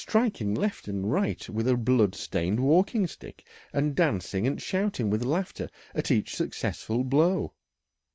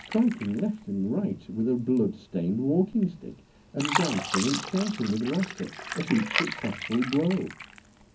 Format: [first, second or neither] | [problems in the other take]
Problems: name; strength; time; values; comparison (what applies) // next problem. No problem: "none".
first | background sound (Fill (with liquid)); 8 dB below the speech // room echo; dies away in 0.4 s